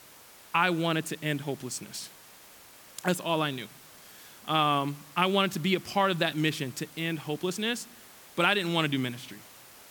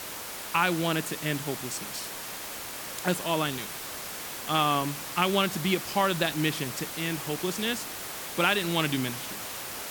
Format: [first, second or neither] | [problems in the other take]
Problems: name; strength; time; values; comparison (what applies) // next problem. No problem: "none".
first | hiss; loud; throughout; 7 dB below the speech; faint in the first